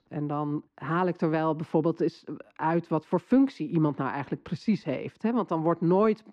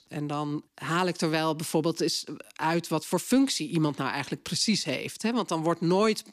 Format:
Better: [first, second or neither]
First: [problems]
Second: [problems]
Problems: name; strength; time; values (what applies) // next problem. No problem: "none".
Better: second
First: muffled; very; fading above 4 kHz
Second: none